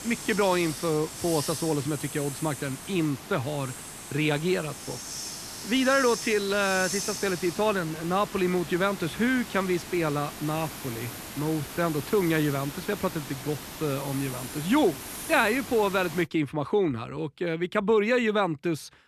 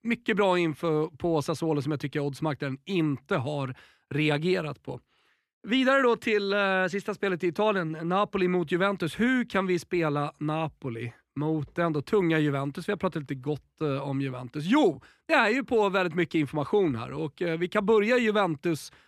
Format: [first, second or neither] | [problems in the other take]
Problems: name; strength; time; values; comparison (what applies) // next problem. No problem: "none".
second | hiss; loud; until 16 s; 9 dB below the speech